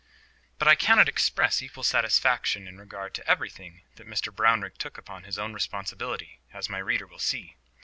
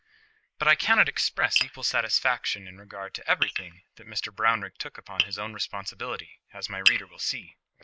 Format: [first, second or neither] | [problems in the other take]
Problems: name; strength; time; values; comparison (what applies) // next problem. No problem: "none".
first | noise reduction (neural mask model Resemble Enhance denoiser)